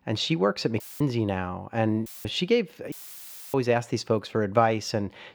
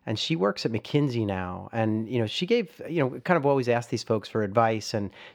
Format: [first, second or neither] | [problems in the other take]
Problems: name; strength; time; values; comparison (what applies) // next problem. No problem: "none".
second | audio cutting out; filled with static; at 1 s, at 2 s and at 3 s for 0.5 s